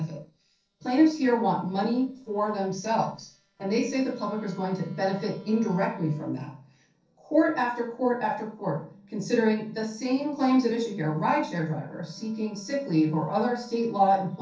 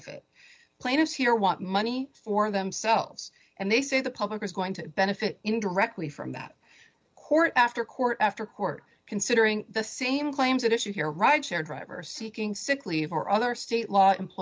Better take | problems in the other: second | noise reduction (neural separator model SepFormer DNS4)

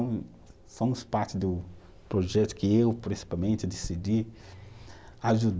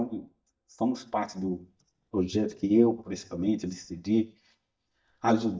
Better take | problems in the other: first | noise reduction (neural mask model DeepFilterNet 3)

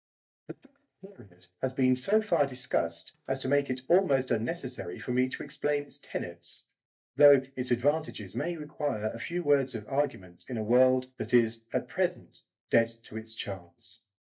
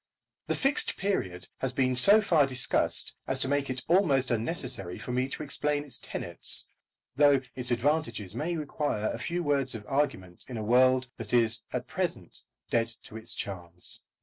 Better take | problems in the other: second | noise reduction (neural mask model DeepFilterNet 3)

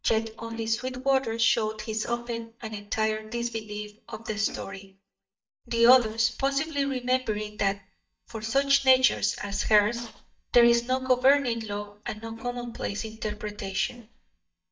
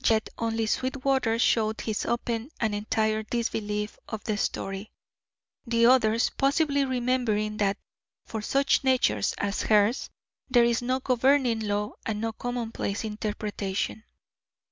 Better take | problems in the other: second | noise reduction (neural mask model DeepFilterNet 3)

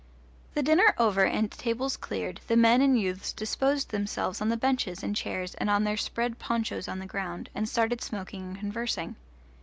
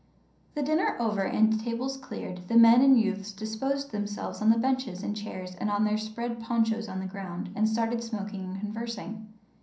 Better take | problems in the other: first | room echo; dies away in 0.6 s

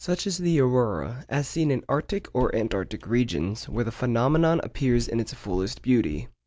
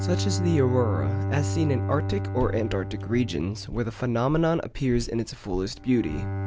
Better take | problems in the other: first | background sound (Bowed string instrument); 4 dB below the speech

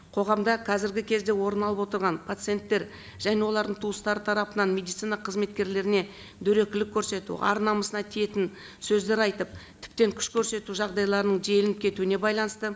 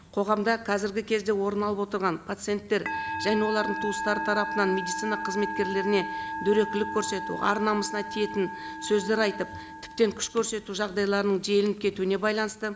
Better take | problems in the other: first | background sound (Musical instrument); 9 dB below the speech

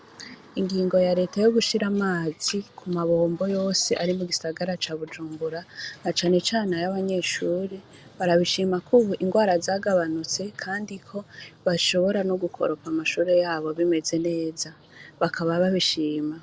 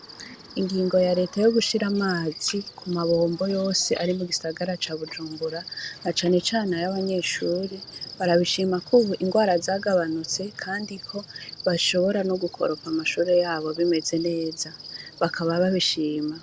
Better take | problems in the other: first | background sound (Cricket); 18 dB below the speech

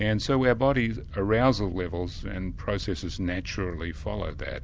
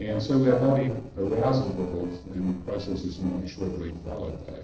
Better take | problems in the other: first | noise reduction (neural separator model SepFormer DNS4)

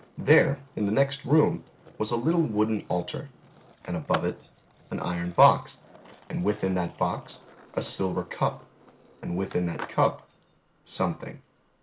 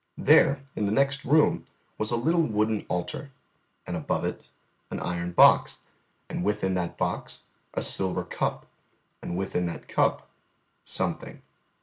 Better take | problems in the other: second | background sound (Skateboard); 19 dB below the speech

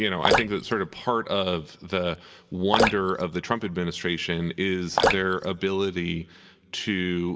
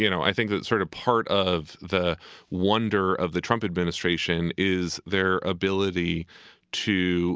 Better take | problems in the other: second | background sound (Drip); 2 dB below the speech // room echo; dies away in 1 s

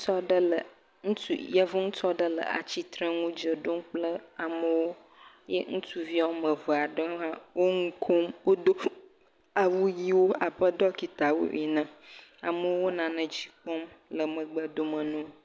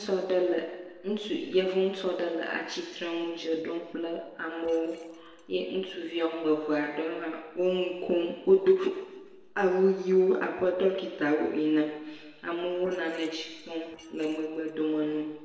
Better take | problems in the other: first | noise reduction (neural separator model SepFormer DNS4)

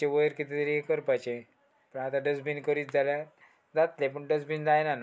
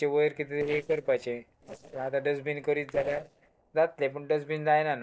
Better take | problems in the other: first | noise reduction (neural separator model SepFormer DNS4)

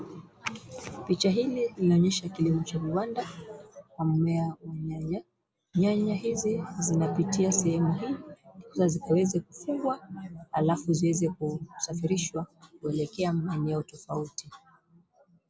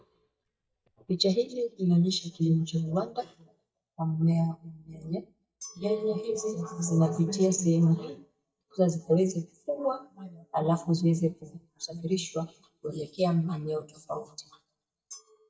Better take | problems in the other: first | noise reduction (neural mask model DeepFilterNet 3)

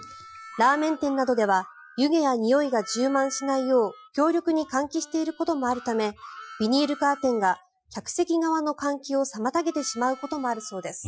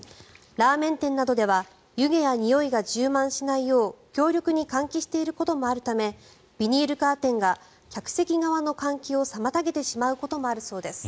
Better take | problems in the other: second | noise reduction (classical method Wiener filter)

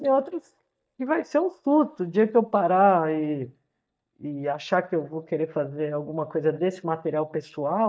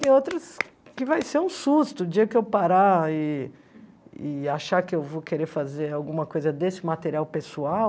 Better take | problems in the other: second | noise reduction (neural mask model DeepFilterNet 3)

